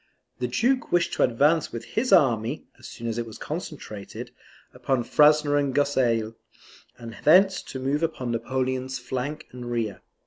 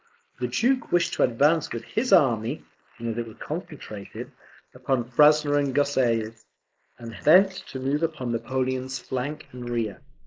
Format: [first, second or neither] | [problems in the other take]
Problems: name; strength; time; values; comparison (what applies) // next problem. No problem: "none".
first | noise reduction (neural mask model Resemble Enhance denoiser)